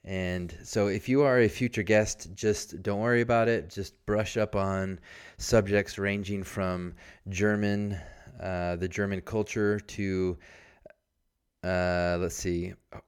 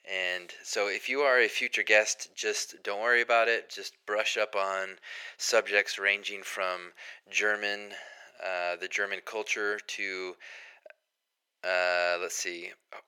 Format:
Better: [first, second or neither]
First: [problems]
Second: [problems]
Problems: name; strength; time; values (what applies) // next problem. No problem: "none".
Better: first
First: none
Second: thin; very; fading below 500 Hz